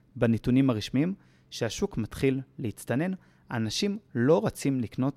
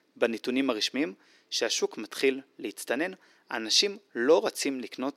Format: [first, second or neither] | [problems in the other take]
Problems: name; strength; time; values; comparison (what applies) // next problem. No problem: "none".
first | thin; somewhat; fading below 350 Hz